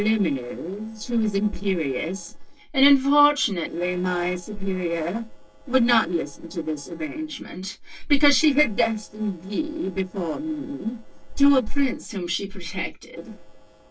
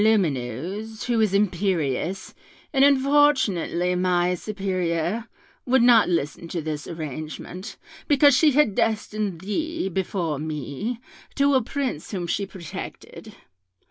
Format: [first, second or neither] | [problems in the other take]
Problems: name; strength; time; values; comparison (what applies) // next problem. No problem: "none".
second | noise reduction (neural separator model SepFormer DNS4)